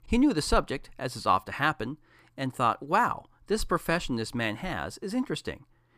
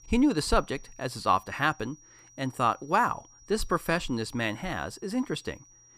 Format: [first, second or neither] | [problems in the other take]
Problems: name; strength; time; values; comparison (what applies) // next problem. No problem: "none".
first | high-pitched whine; faint; throughout; 5.5 kHz, 25 dB below the speech